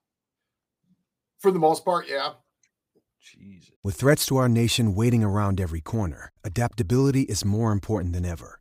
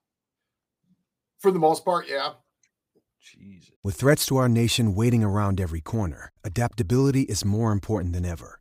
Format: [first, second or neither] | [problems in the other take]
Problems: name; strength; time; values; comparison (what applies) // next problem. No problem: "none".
neither | none